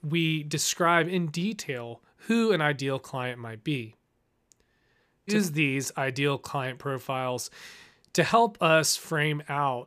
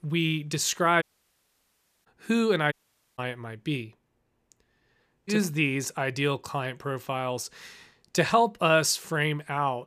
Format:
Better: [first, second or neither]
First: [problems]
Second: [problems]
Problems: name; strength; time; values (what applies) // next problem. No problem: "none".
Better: first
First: none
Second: audio cutting out; at 1 s for 1 s and at 2.5 s